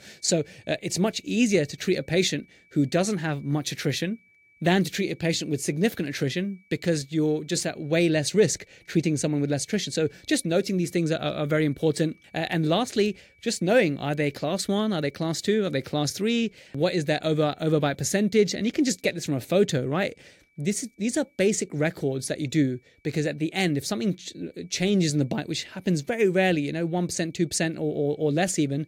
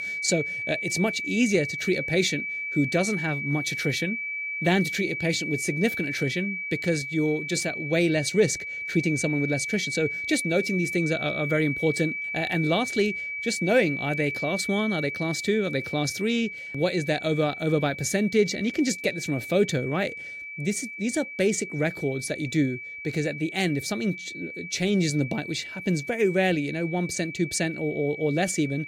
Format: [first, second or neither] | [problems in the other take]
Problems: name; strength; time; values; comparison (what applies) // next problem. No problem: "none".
first | high-pitched whine; loud; throughout; 2.5 kHz, 5 dB below the speech; faint in the first